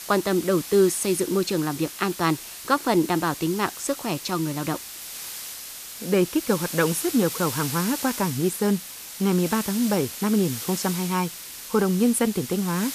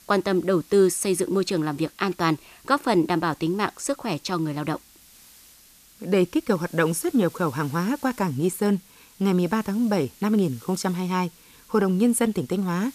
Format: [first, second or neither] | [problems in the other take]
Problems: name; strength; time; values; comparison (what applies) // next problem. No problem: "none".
second | hiss; loud; throughout; 9 dB below the speech; faint in the second